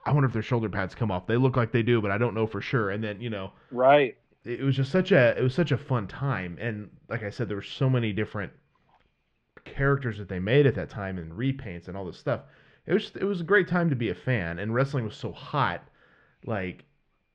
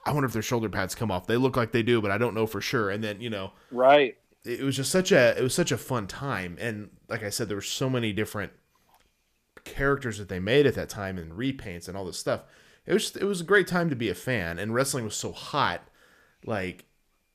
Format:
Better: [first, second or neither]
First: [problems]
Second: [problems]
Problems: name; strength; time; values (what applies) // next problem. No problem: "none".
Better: second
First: muffled; very; fading above 3 kHz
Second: none